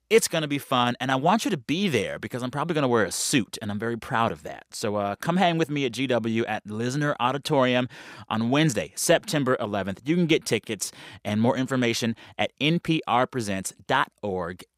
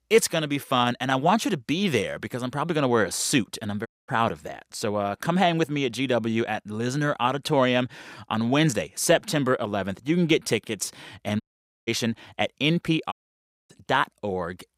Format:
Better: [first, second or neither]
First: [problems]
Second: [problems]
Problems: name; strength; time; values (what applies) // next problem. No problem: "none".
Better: first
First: none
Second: audio cutting out; at 4 s, at 11 s and at 13 s for 0.5 s